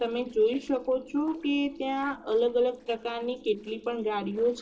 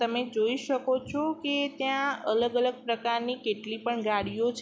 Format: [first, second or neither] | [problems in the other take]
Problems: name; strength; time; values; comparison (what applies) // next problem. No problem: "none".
second | noise reduction (neural separator model SepFormer DNS4)